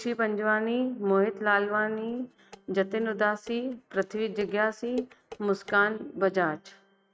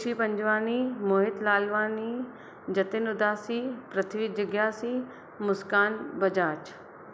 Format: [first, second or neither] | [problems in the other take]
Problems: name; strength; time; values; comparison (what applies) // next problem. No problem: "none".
second | noise reduction (neural mask model RNNoise)